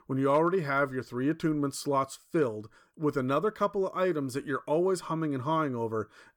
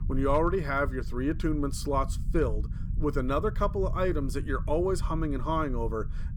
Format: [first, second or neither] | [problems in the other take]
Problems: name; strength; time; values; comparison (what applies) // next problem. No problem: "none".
first | low rumble; faint; throughout; 20 dB below the speech